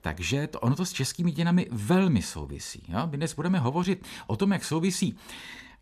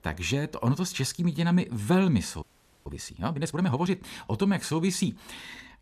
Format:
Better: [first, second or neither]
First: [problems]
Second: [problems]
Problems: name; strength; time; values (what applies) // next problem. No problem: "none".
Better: first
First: none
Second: audio freezing; at 2.5 s